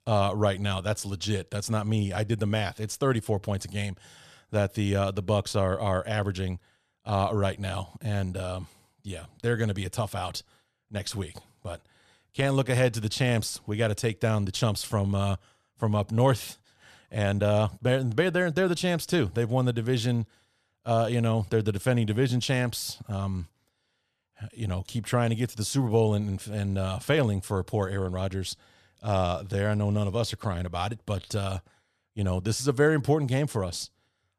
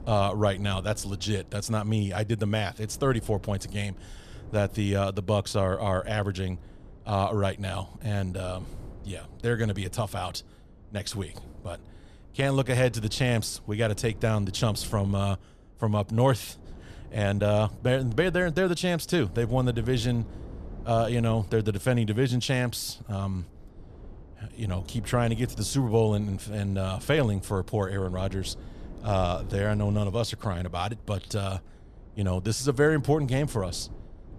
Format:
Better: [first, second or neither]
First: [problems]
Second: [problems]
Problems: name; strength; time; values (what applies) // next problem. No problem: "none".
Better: first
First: none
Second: wind noise on the microphone; occasional gusts; 25 dB below the speech